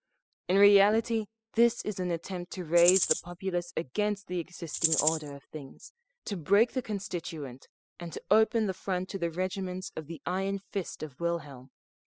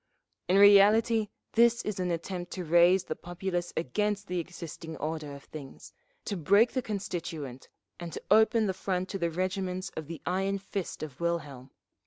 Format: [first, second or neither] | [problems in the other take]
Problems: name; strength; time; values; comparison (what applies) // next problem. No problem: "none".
second | noise reduction (classical method spectral subtraction)